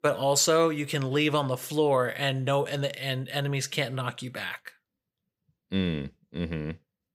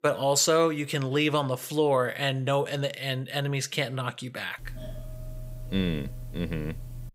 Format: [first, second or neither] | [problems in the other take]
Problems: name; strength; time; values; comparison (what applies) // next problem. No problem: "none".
first | doorbell; faint; from 4.5 s on; peak 15 dB below the speech